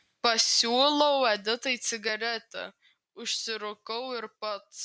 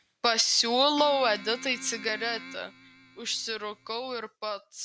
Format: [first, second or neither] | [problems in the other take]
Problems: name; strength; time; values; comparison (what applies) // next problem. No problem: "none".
first | background sound (Keyboard (musical)); 17 dB below the speech